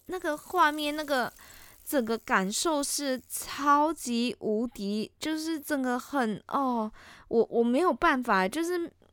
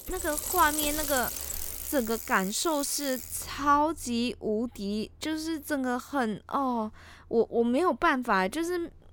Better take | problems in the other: first | traffic noise; loud; throughout; 4 dB below the speech; faint in the first

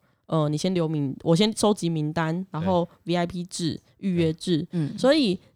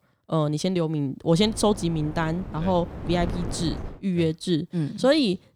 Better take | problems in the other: first | wind noise on the microphone; occasional gusts; from 1.5 to 4 s; 15 dB below the speech

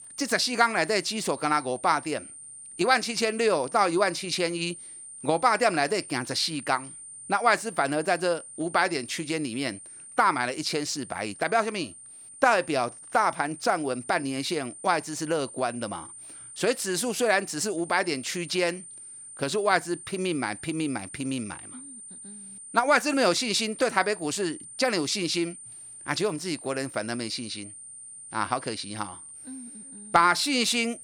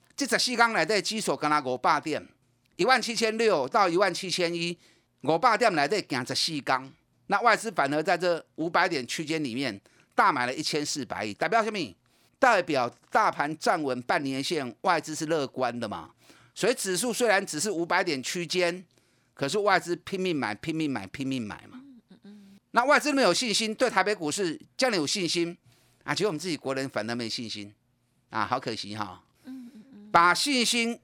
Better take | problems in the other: second | high-pitched whine; noticeable; throughout; 9 kHz, 15 dB below the speech

